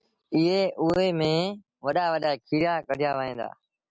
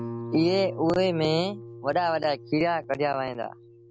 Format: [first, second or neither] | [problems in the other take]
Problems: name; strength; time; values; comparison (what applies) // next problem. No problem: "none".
first | background sound (Guitar); 13 dB below the speech